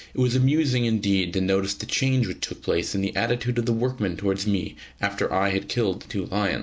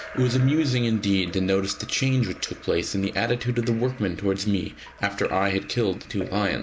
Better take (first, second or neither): first